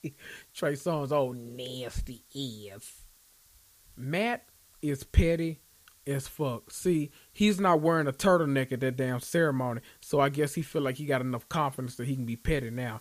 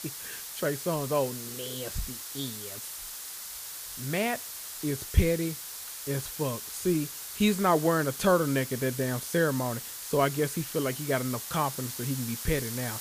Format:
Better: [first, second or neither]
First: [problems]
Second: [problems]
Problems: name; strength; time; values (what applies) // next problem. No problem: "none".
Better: first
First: hiss; faint; throughout; 30 dB below the speech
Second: hiss; loud; throughout; 7 dB below the speech